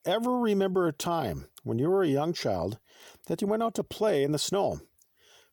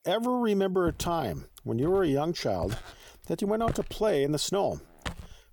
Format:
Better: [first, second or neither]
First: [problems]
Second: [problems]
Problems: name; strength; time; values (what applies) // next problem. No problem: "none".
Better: first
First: none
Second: footsteps; noticeable; from 1 s on; peak 9 dB below the speech